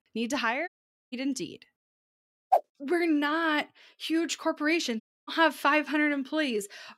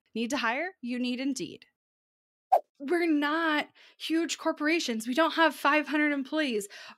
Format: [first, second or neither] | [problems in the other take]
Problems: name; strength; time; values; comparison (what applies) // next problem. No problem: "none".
second | audio cutting out; at 0.5 s and at 5 s